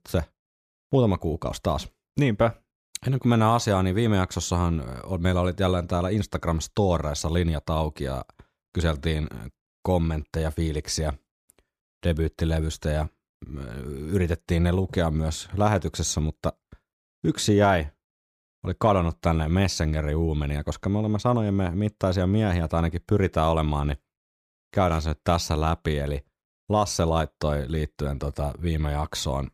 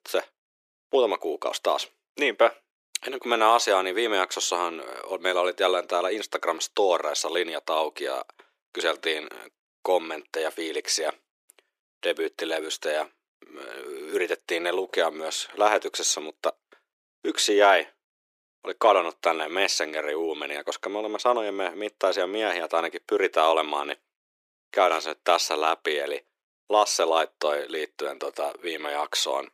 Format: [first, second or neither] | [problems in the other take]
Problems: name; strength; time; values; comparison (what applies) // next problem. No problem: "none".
first | thin; very; fading below 350 Hz